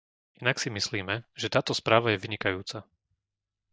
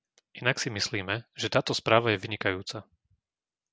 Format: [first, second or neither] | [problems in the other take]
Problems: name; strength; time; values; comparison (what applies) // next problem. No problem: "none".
second | noise reduction (neural mask model DeepFilterNet 3)